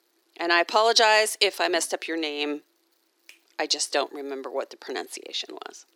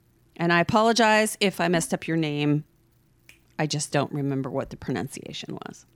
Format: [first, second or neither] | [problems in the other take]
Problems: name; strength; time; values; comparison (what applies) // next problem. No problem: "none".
second | thin; very; fading below 350 Hz